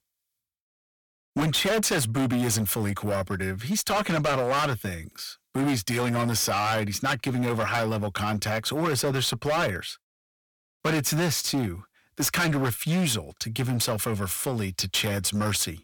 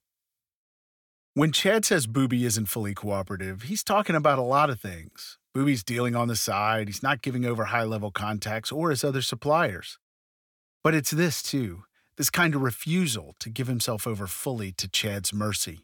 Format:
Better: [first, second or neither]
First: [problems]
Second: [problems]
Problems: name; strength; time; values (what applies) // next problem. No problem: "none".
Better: second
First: distortion; heavy; 16% of the sound clipped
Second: none